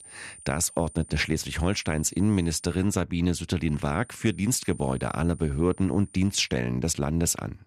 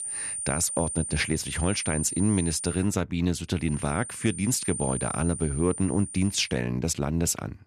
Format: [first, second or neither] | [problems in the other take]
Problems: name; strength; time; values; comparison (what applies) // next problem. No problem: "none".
first | high-pitched whine; loud; until 3 s and from 3.5 to 6.5 s; 9 kHz, 6 dB below the speech; faint in the first